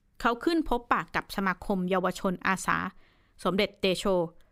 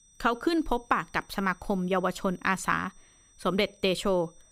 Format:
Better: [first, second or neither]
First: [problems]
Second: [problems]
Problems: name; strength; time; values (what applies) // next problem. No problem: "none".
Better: first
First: none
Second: high-pitched whine; faint; throughout; 6 kHz, 30 dB below the speech